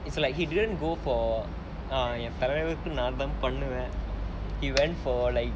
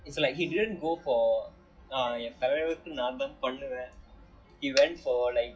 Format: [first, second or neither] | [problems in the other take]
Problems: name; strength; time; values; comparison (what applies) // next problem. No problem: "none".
first | noise reduction (classical method WPE with log-MMSE)